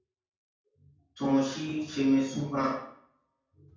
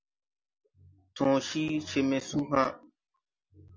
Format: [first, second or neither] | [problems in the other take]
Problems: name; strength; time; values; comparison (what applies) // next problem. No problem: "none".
second | room echo; dies away in 0.5 s